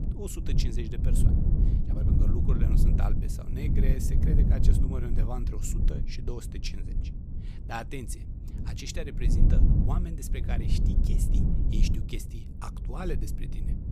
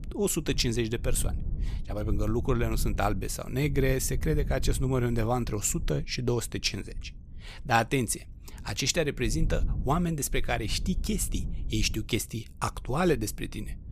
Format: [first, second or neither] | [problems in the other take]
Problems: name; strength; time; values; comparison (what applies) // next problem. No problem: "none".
second | wind noise on the microphone; heavy; 1 dB below the speech; occasional gusts in the second